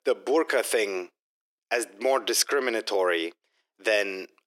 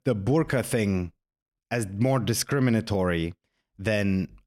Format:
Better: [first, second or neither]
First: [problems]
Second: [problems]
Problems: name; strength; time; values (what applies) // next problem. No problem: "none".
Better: second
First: thin; very; fading below 350 Hz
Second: none